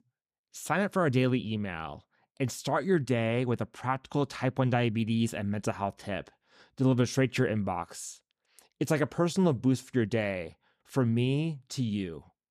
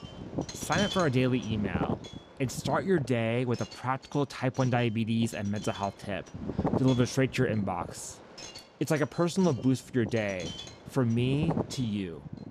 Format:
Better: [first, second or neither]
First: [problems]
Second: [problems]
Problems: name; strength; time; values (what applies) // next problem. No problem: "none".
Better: first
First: none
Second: wind noise on the microphone; heavy; 9 dB below the speech